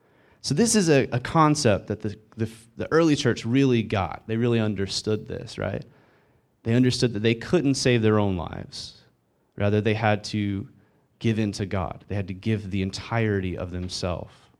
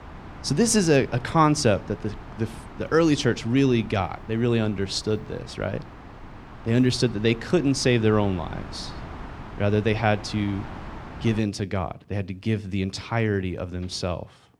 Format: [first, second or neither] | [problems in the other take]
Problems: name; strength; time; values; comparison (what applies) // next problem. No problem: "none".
first | wind noise on the microphone; occasional gusts; until 11 s; 15 dB below the speech